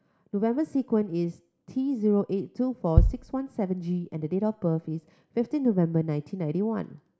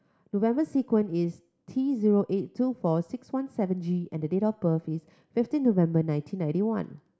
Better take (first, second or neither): second